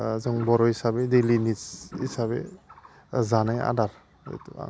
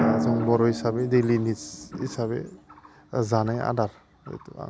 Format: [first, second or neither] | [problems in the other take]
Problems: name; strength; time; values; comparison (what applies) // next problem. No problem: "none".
first | background sound (Drum); 6 dB below the speech